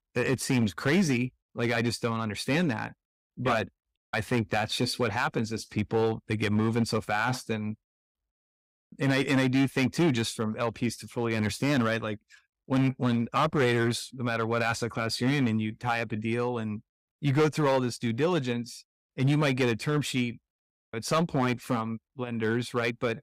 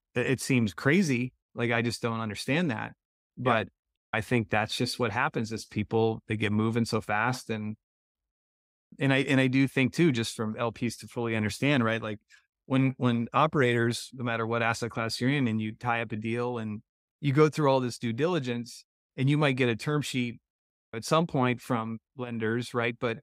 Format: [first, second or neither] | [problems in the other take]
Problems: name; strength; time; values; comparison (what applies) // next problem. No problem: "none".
second | distortion; slight; 4% of the sound clipped